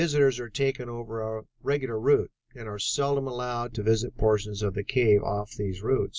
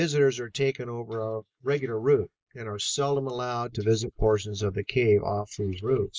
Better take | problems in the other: first | noise reduction (neural mask model Resemble Enhance denoiser)

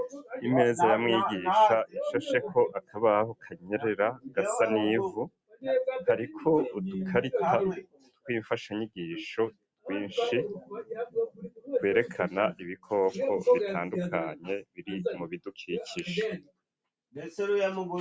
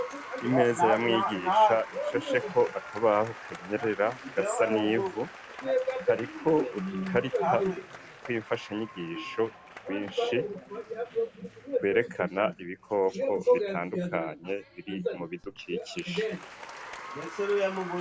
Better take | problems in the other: first | background sound (Applause); 16 dB below the speech

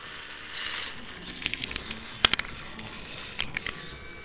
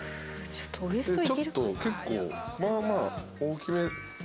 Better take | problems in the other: second | noise reduction (neural separator model SepFormer WHAMR!)

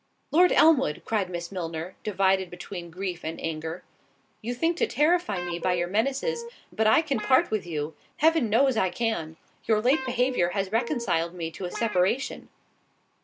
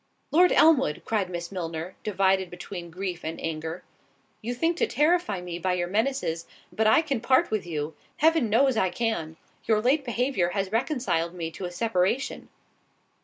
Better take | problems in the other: second | background sound (Guitar); 11 dB below the speech

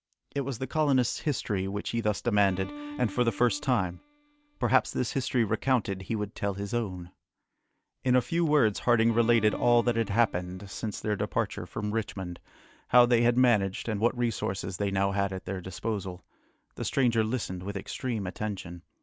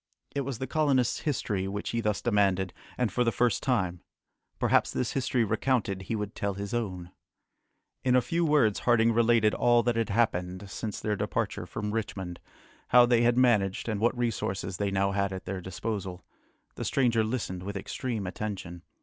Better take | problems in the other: second | background sound (Bowed string instrument); 18 dB below the speech

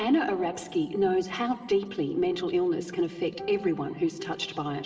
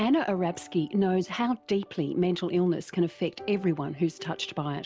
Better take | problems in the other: second | room echo; dies away in 2.1 s

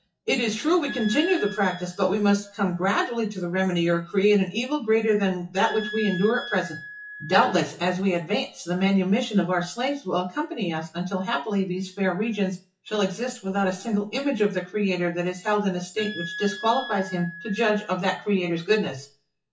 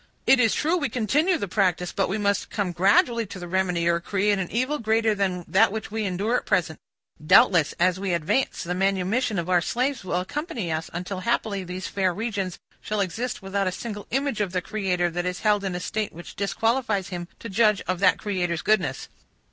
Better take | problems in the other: second | noise reduction (classical method WPE with log-MMSE)

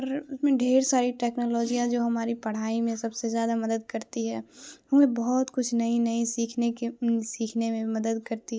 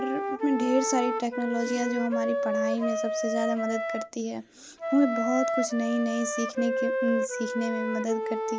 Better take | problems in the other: first | background sound (Wind instrument, woodwind instrument); 1 dB below the speech

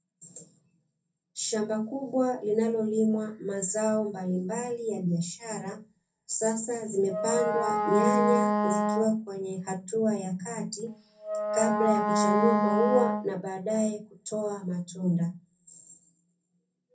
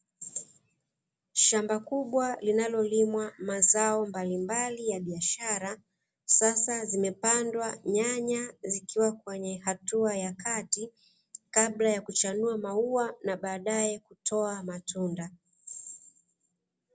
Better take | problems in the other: second | background sound (Wind instrument, woodwind instrument); 1 dB above the speech // room echo; dies away in 0.3 s

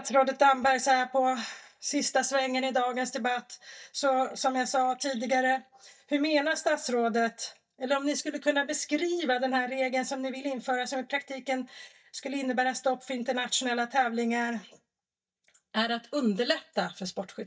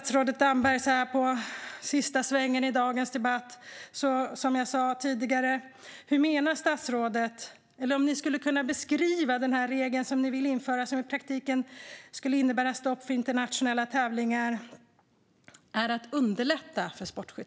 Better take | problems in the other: second | noise reduction (neural mask model DeepFilterNet 3)

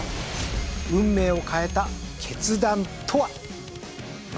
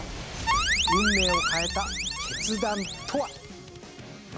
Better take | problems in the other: first | background sound (Alarm); 4 dB above the speech

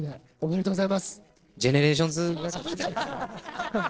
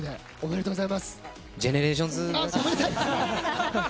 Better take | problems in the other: second | noise reduction (neural separator model SepFormer DNS4)

